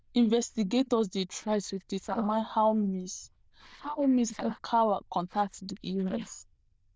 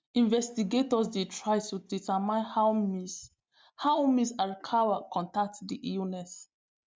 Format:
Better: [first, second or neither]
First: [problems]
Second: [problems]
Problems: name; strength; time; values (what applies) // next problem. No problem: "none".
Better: second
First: noise reduction (neural diffusion model UNIVERSE++)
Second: none